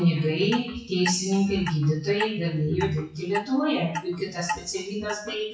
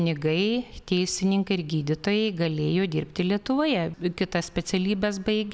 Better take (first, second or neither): second